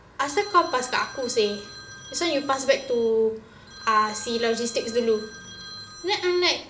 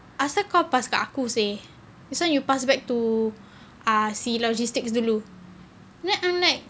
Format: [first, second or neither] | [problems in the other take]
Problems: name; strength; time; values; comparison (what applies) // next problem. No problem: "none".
second | background sound (Telephone); 16 dB below the speech // room echo; dies away in 0.6 s